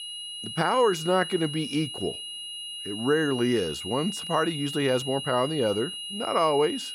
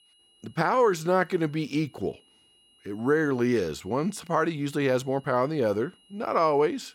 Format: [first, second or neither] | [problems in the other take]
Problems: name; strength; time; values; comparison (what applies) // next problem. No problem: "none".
second | high-pitched whine; loud; throughout; 3 kHz, 7 dB below the speech; faint in the second